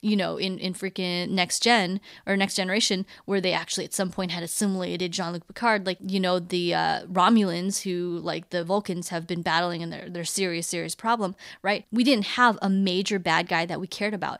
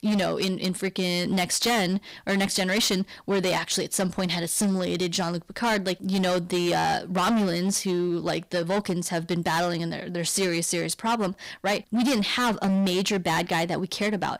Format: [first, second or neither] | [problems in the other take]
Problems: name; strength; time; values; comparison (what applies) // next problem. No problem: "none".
first | distortion; heavy; 17% of the sound clipped